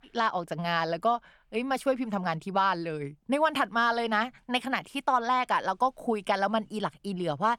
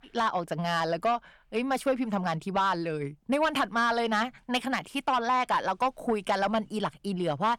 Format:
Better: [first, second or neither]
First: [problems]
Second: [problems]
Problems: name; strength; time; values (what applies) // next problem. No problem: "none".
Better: first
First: none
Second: distortion; slight; 10 dB below the speech